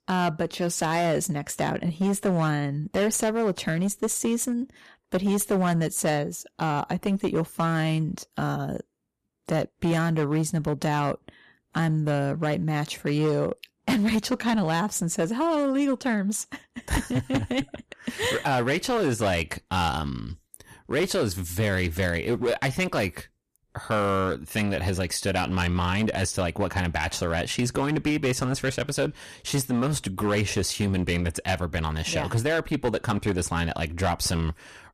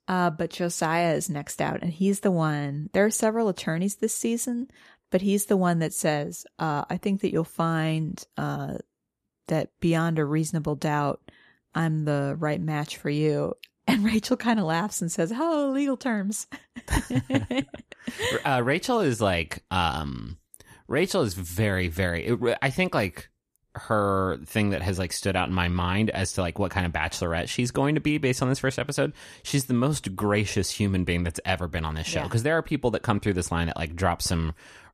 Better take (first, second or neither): second